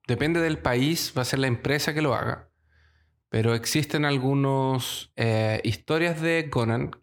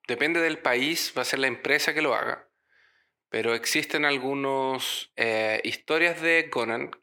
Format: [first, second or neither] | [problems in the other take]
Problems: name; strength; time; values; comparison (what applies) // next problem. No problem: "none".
first | thin; somewhat; fading below 400 Hz